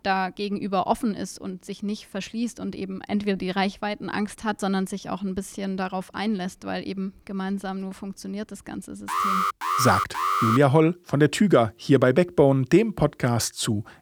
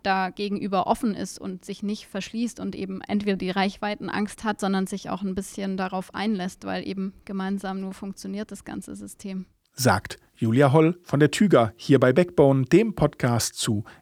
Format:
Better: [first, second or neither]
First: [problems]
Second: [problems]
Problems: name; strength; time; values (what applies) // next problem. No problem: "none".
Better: second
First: alarm; loud; from 9 to 11 s; peak 2 dB above the speech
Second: none